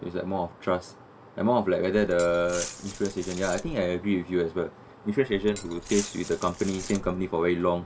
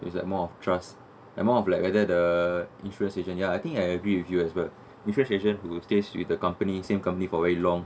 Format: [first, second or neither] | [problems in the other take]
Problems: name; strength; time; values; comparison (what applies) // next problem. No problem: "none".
second | background sound (Glass); 13 dB below the speech